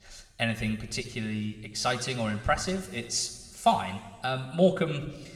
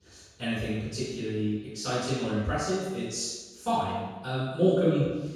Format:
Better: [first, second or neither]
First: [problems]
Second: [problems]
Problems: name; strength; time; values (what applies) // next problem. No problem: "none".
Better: first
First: room echo; slight; dies away in 1.6 s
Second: room echo; strong; dies away in 1.1 s // off-mic speech; far